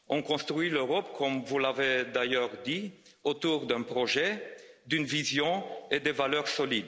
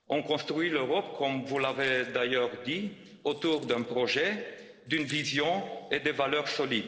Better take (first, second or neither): first